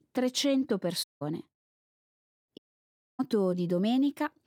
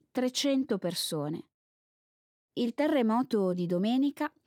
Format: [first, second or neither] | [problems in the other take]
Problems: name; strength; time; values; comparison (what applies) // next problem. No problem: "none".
second | audio cutting out; at 1 s and at 2.5 s for 0.5 s